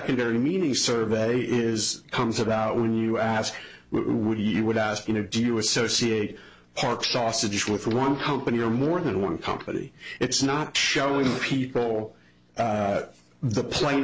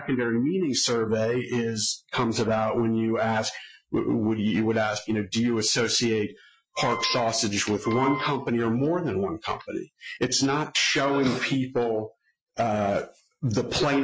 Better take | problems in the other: first | noise reduction (classical method Wiener filter)

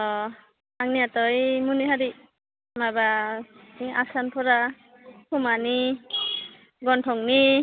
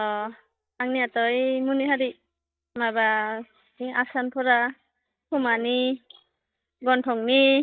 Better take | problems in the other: first | noise reduction (neural mask model DeepFilterNet 3)

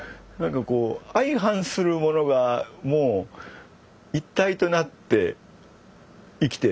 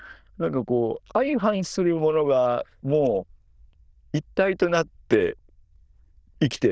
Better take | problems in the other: first | noise reduction (neural diffusion model UNIVERSE++)

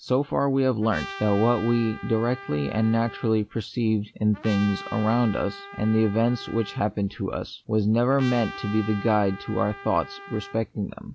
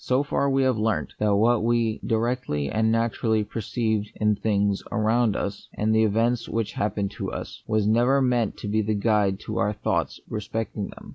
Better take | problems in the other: second | background sound (Trumpet); 15 dB below the speech

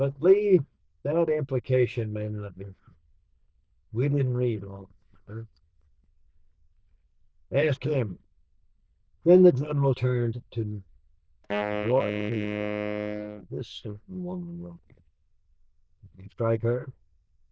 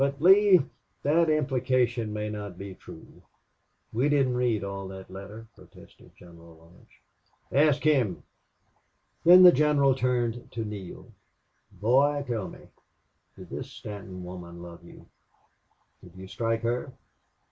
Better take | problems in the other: second | noise reduction (neural diffusion model UNIVERSE++)

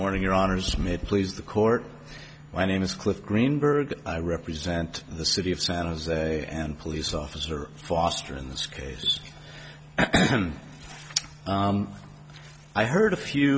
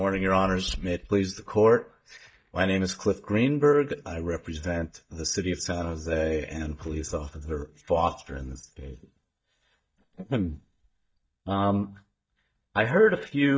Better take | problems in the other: first | noise reduction (neural mask model DeepFilterNet 3)

